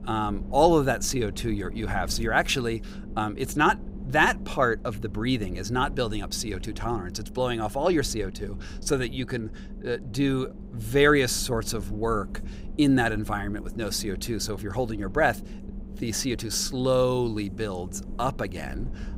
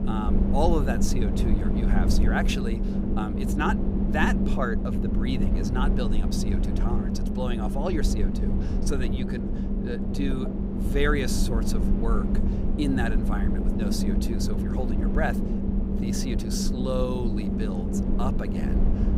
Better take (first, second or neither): first